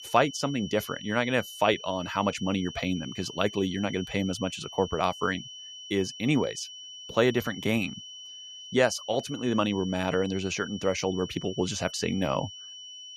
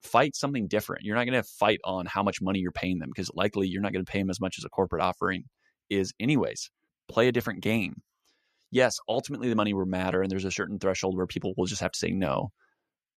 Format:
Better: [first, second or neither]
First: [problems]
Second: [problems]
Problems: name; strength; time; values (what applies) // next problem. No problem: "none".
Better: second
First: high-pitched whine; noticeable; throughout; 3 kHz, 10 dB below the speech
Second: none